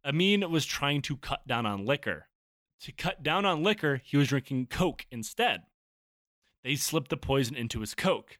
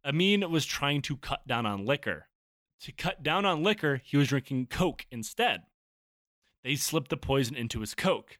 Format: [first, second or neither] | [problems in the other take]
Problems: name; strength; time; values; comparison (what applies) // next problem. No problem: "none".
neither | none